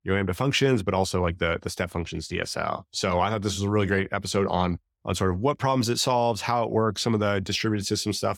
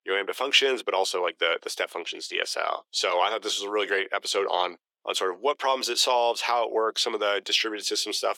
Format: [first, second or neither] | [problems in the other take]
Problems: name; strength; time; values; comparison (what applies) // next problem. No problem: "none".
first | thin; very; fading below 400 Hz